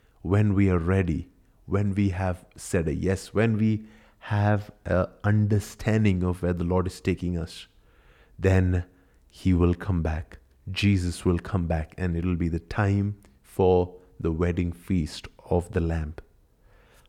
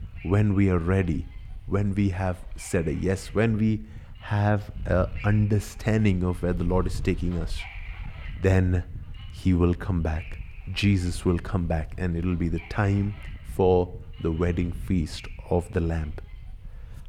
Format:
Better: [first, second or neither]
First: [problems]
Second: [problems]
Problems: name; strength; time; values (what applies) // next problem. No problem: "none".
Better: first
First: none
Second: wind noise on the microphone; occasional gusts; 20 dB below the speech